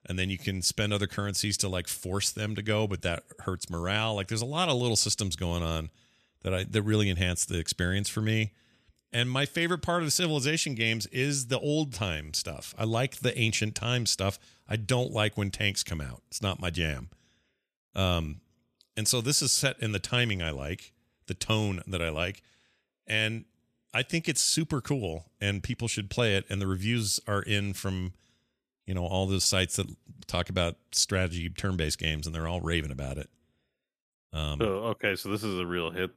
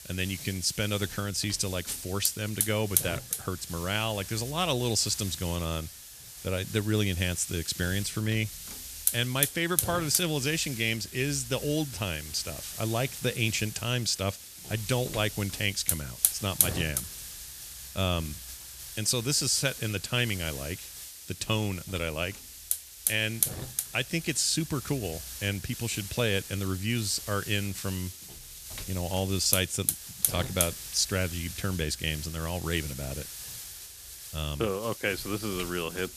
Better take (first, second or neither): first